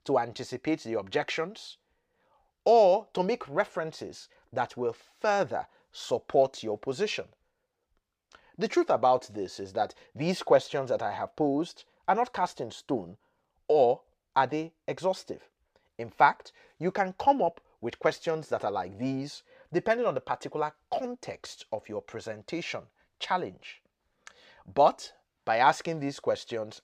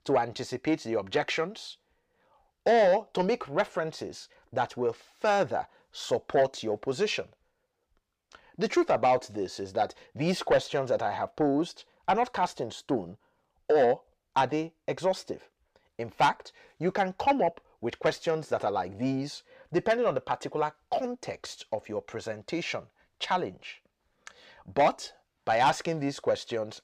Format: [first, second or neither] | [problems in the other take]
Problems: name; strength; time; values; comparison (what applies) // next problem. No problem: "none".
first | distortion; slight; 10 dB below the speech